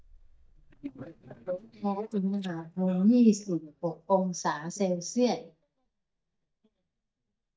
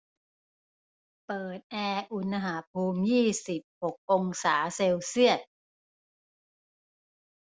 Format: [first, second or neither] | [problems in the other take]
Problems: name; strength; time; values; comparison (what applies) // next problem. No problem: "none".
second | noise reduction (neural mask model DeepFilterNet 3)